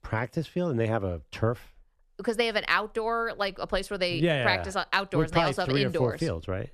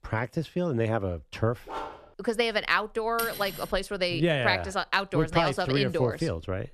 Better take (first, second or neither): first